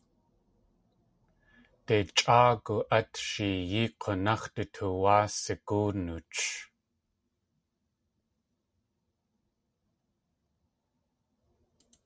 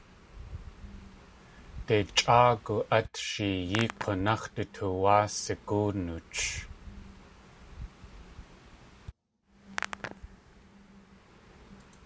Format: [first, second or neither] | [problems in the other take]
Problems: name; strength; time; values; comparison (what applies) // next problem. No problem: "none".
first | background sound (Hands); 14 dB below the speech